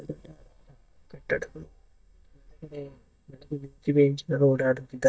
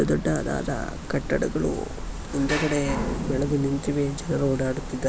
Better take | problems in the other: second | noise reduction (neural mask model DeepFilterNet 3)

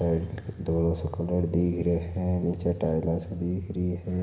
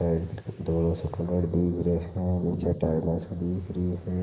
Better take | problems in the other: first | noise reduction (neural mask model Resemble Enhance denoiser)

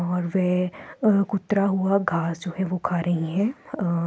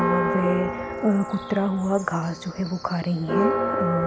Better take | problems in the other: first | background sound (Church bell); 2 dB below the speech

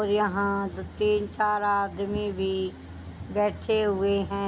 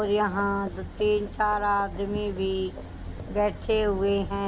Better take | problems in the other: first | background sound (Livestock, farm animals, working animals); 13 dB below the speech

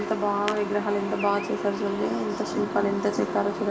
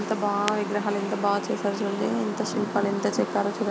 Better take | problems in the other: second | background sound (Traffic noise, roadway noise / Bird); 18 dB below the speech // room echo; dies away in 0.7 s

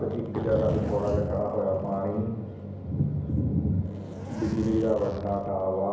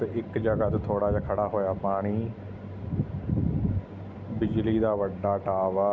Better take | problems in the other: second | background sound (Zipper (clothing)); 15 dB below the speech // room echo; dies away in 1 s

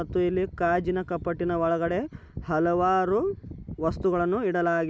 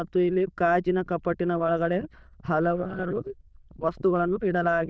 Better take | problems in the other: first | noise reduction (neural diffusion model UNIVERSE++)

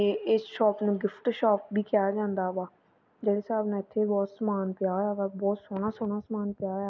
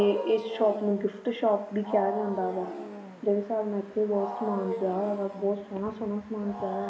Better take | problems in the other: first | background sound (Wild animals); 10 dB below the speech // room echo; dies away in 2.3 s

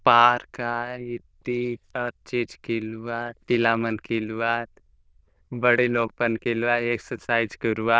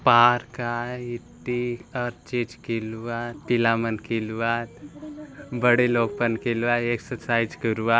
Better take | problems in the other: second | noise reduction (neural diffusion model UNIVERSE++)

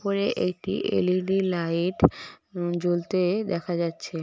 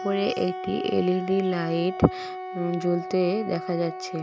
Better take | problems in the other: first | background sound (Wind instrument, woodwind instrument); 9 dB below the speech

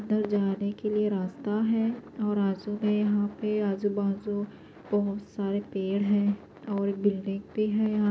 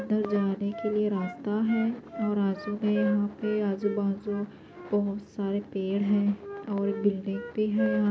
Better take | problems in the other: first | background sound (Wind instrument, woodwind instrument); 13 dB below the speech

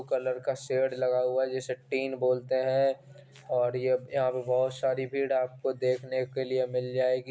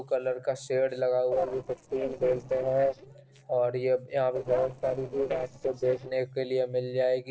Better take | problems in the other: first | noise reduction (neural separator model SepFormer DNS4)

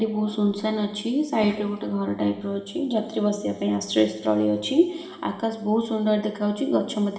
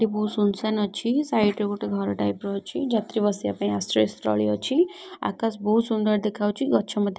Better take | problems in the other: second | room echo; dies away in 1.2 s

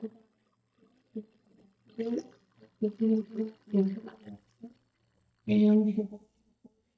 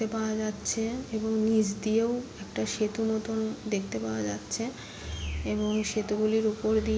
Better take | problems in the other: second | noise reduction (neural mask model DeepFilterNet 3)

